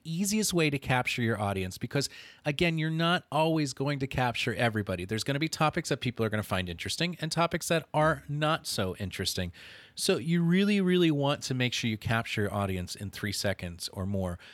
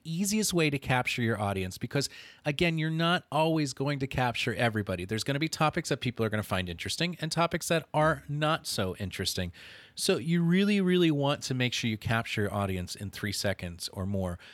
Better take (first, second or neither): neither